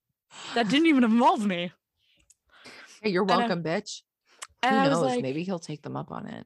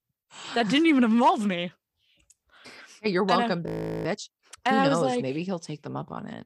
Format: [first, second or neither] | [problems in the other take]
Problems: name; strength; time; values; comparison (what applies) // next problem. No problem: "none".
first | audio freezing; at 3.5 s